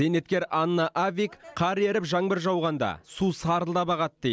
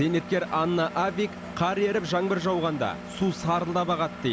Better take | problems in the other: first | background sound (Engine); 12 dB below the speech

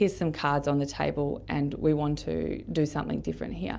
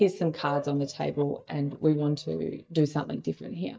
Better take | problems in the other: first | noise reduction (neural mask model DeepFilterNet 3)

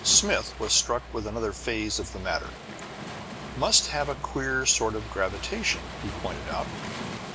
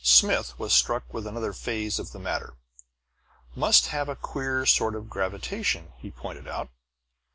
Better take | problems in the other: second | background sound (Waves, surf); 11 dB below the speech

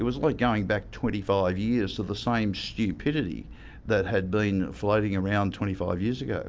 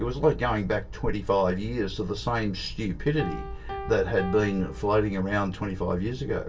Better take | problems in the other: first | background sound (Piano); 17 dB below the speech // room echo; dies away in 0.1 s

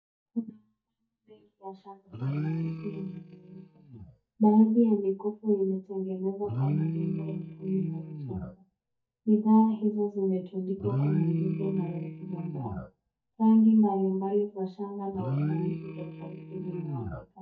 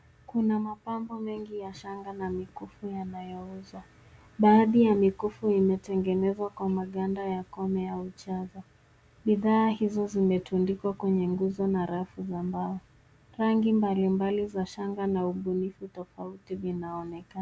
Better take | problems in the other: second | noise reduction (neural mask model DeepFilterNet 3)

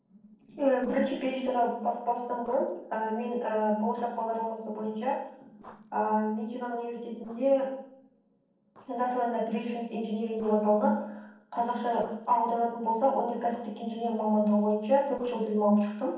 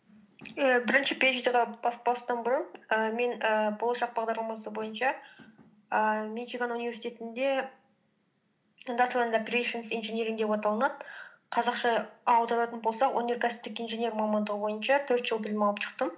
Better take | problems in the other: second | noise reduction (neural separator model SepFormer DNS4)

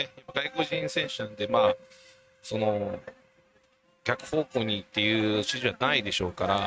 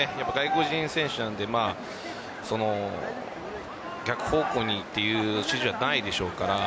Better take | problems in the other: second | noise reduction (neural mask model RNNoise)

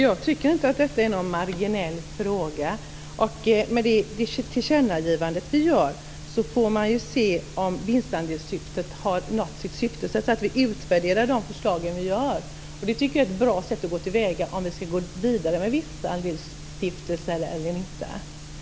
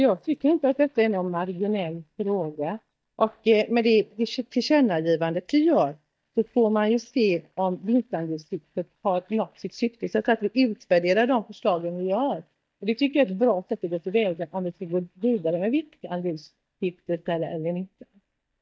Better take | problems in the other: first | noise reduction (neural mask model DeepFilterNet 3)

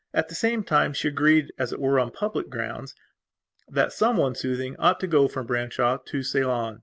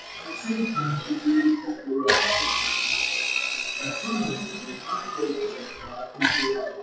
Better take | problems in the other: first | noise reduction (classical method WPE with log-MMSE)

